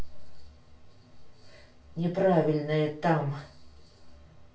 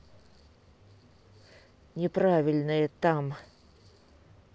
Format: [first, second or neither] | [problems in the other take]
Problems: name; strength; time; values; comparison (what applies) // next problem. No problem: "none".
second | room echo; dies away in 0.4 s